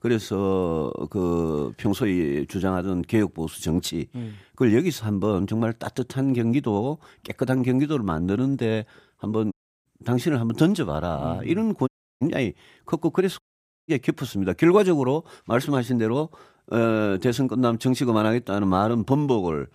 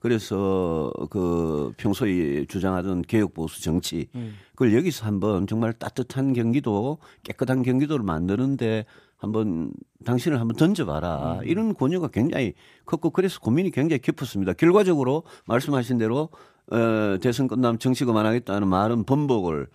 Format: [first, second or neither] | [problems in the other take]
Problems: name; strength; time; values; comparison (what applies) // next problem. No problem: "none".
second | audio cutting out; at 9.5 s, at 12 s and at 13 s